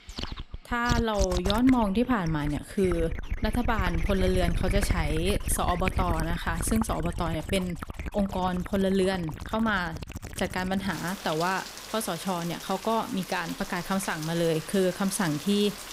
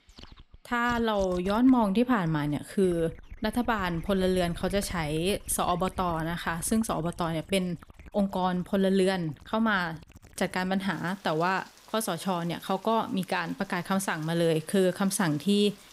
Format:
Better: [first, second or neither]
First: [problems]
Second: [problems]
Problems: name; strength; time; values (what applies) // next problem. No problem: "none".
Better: second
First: rain or running water; loud; throughout; 7 dB below the speech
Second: rain or running water; faint; throughout; 20 dB below the speech